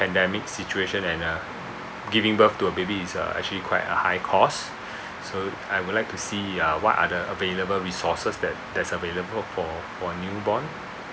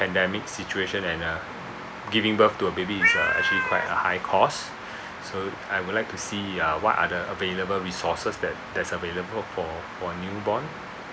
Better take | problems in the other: first | background sound (Cat); 2 dB above the speech

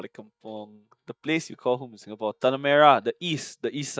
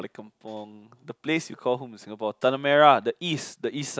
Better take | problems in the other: second | noise reduction (neural mask model DeepFilterNet 3)

